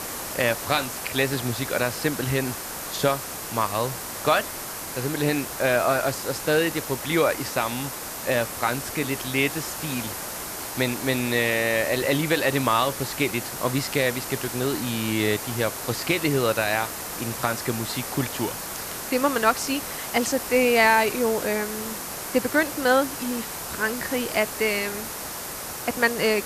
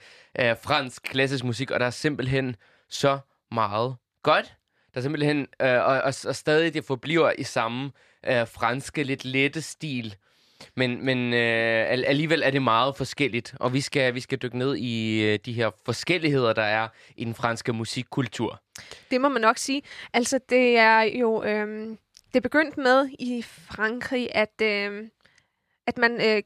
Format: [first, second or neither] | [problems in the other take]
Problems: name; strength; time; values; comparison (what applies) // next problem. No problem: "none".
second | hiss; loud; throughout; 6 dB below the speech